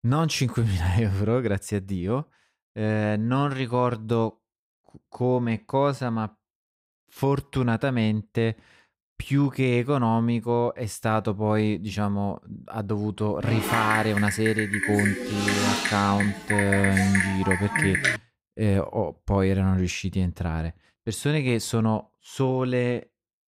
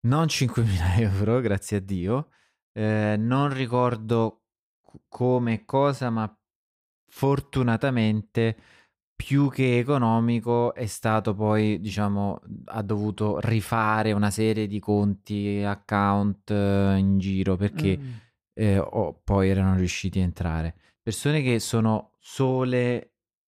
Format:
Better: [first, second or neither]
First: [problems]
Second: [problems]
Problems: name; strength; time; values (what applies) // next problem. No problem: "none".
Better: second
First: keyboard typing; loud; from 13 to 18 s; peak 3 dB above the speech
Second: none